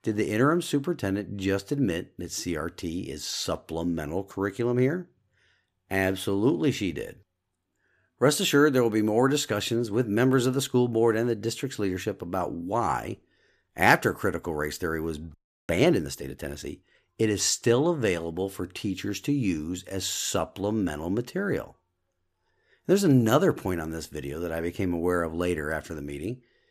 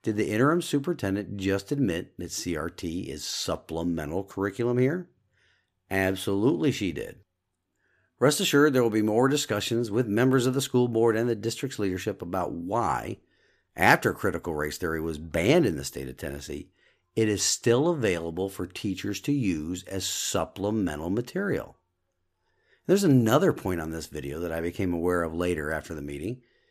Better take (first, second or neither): second